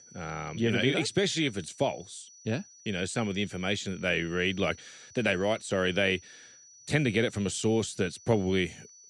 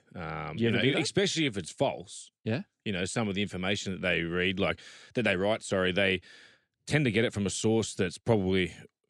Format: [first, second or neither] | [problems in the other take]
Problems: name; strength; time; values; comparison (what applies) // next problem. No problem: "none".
second | high-pitched whine; faint; throughout; 6 kHz, 20 dB below the speech